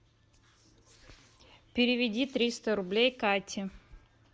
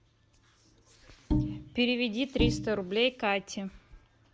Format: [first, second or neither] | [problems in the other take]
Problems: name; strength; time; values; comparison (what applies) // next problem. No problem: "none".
first | background sound (Bowed string instrument); as loud as the speech